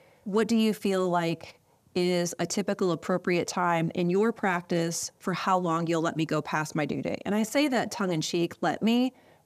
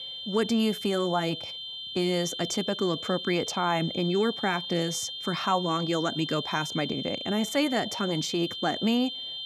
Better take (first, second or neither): first